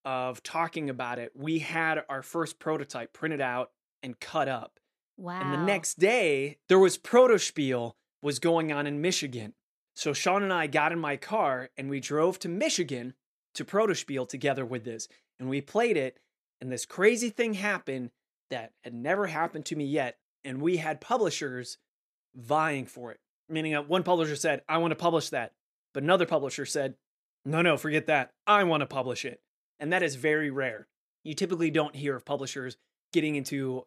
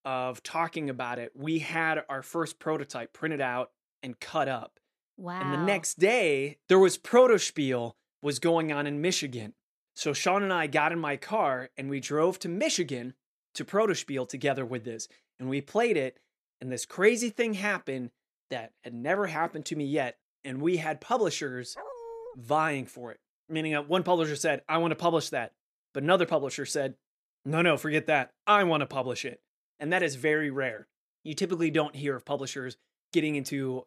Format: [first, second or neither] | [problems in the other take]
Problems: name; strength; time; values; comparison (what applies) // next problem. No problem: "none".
first | dog barking; faint; at 22 s; peak 15 dB below the speech